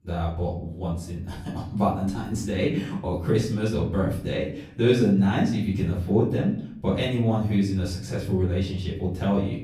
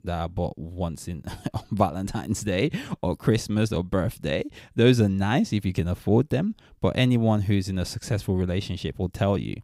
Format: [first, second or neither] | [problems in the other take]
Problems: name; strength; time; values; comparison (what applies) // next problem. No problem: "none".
second | room echo; slight; dies away in 0.5 s // off-mic speech; far